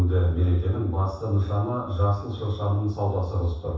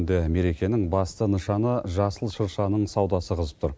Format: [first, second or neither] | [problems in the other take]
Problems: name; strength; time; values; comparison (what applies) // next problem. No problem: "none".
second | room echo; dies away in 0.7 s